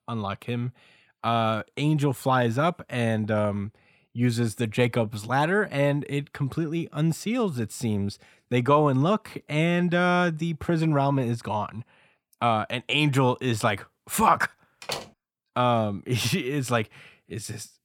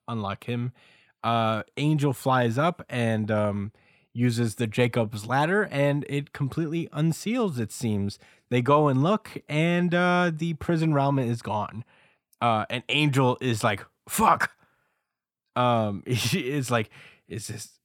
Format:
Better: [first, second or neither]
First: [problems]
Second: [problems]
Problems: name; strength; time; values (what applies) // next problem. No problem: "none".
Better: second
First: door banging; noticeable; at 15 s; peak 8 dB below the speech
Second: none